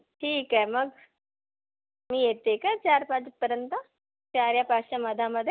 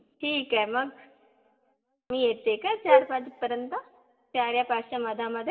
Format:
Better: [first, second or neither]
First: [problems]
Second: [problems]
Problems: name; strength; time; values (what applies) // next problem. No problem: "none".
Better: first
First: none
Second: background sound (Wind instrument, woodwind instrument); 4 dB above the speech // room echo; dies away in 1.1 s